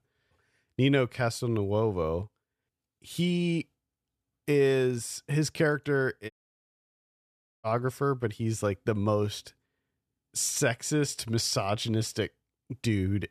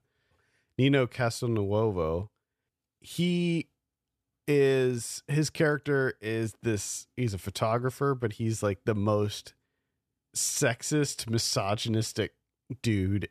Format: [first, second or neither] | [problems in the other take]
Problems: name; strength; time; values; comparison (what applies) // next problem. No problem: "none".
second | audio cutting out; at 6.5 s for 1.5 s